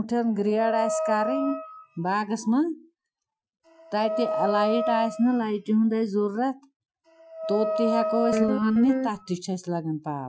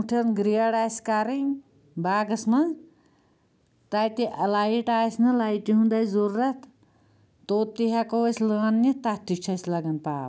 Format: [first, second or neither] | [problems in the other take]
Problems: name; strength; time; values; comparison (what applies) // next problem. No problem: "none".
second | noise reduction (classical method Wiener filter)